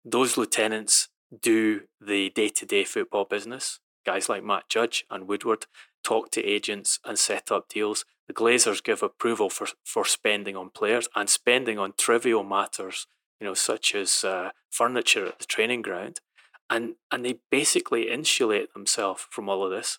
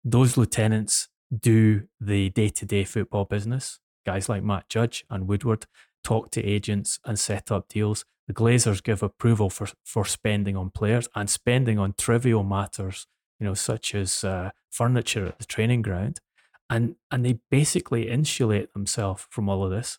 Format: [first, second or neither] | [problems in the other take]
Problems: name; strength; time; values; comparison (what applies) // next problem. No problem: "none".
second | thin; very; fading below 300 Hz